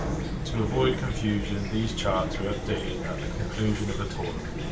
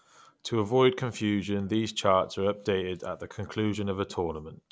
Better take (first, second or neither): second